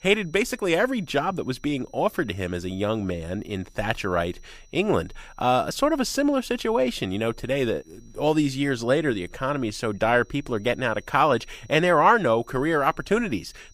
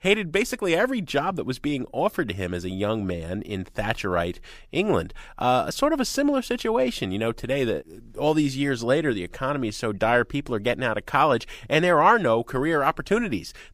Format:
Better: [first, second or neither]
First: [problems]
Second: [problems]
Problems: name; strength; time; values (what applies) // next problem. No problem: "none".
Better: second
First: high-pitched whine; faint; throughout; 6 kHz, 35 dB below the speech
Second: none